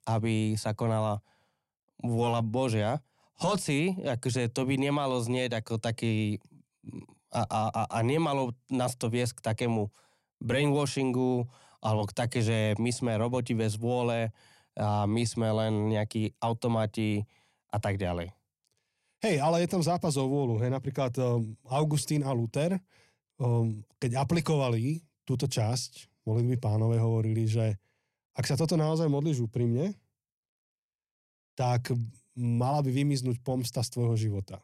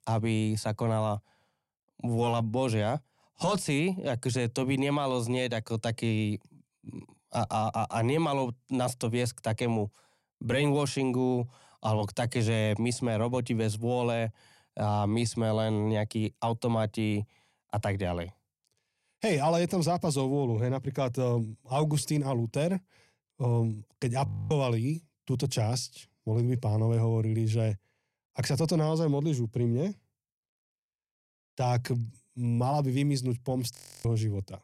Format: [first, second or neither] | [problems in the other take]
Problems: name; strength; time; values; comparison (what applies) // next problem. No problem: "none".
first | audio freezing; at 24 s and at 34 s